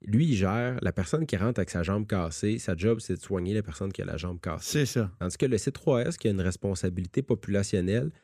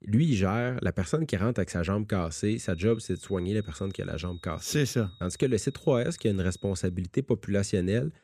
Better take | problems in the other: first | high-pitched whine; faint; from 2.5 to 7 s; 4 kHz, 25 dB below the speech

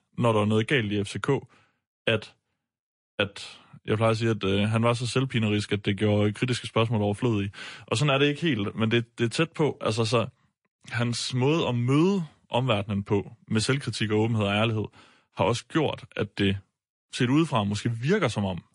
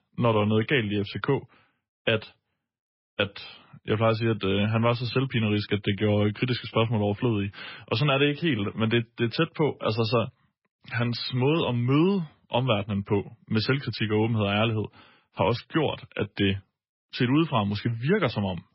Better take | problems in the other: first | garbled, watery; badly; nothing above 5 kHz; slightly in the first

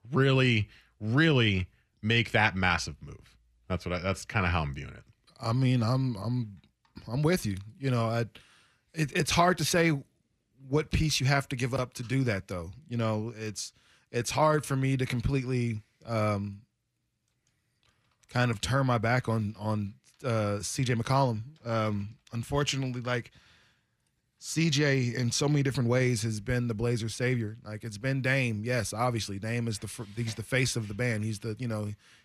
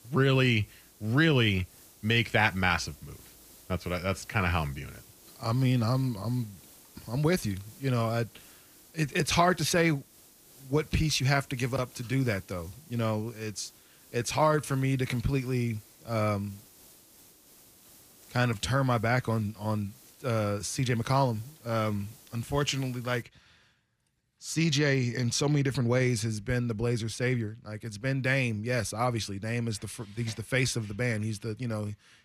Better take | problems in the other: first | hiss; faint; until 23 s; 25 dB below the speech

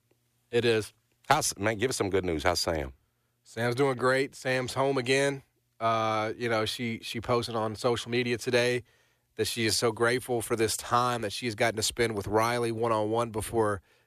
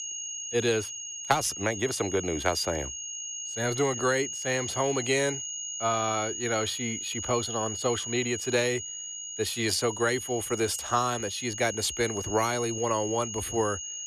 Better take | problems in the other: first | high-pitched whine; loud; throughout; 6.5 kHz, 5 dB below the speech

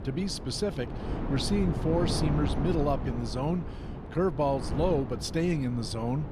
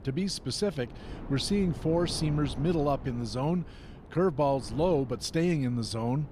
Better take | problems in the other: second | wind noise on the microphone; heavy; 8 dB below the speech; occasional gusts in the second

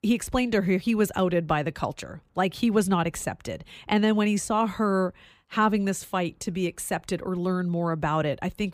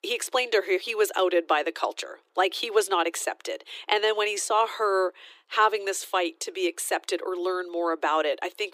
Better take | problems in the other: first | thin; very; fading below 350 Hz

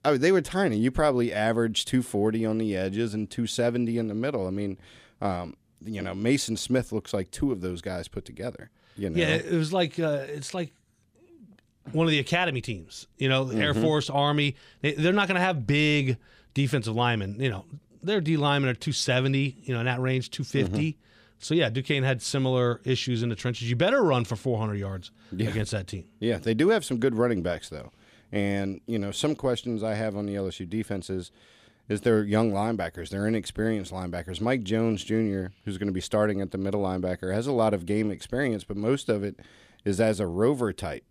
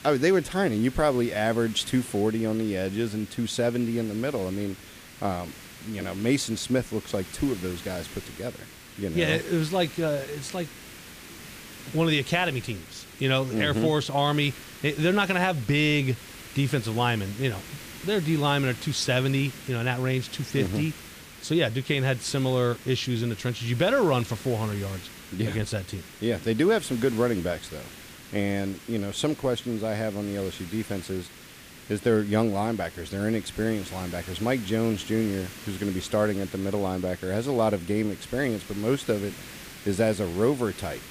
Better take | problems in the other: first | hiss; noticeable; throughout; 15 dB below the speech

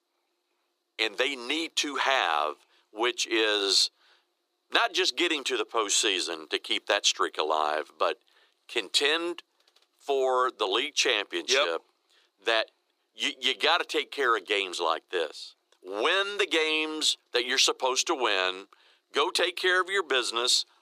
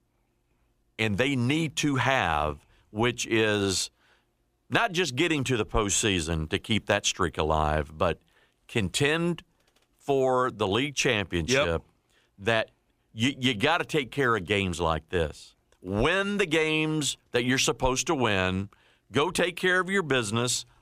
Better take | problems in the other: second | thin; very; fading below 350 Hz

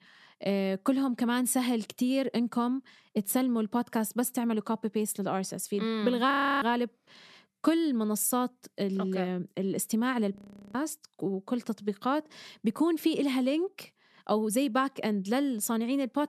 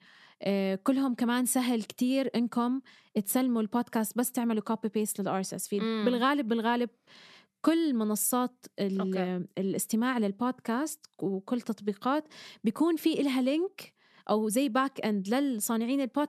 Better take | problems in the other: second | audio freezing; at 6.5 s and at 10 s

